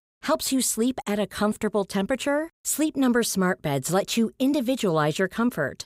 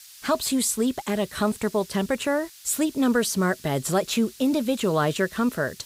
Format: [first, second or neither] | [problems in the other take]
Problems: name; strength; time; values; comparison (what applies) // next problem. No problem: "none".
first | hiss; noticeable; throughout; 20 dB below the speech